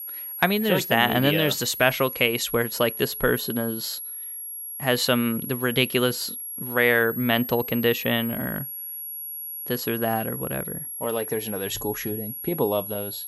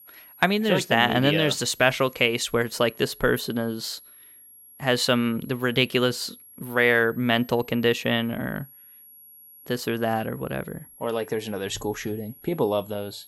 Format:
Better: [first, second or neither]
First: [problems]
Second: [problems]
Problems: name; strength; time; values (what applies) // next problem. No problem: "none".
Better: second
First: high-pitched whine; loud; throughout; 11.5 kHz, 7 dB below the speech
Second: high-pitched whine; faint; throughout; 11.5 kHz, 20 dB below the speech